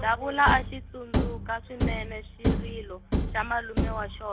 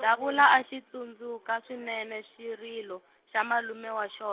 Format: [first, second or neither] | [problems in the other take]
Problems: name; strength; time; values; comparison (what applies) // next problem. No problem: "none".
second | background sound (Thump, thud); as loud as the speech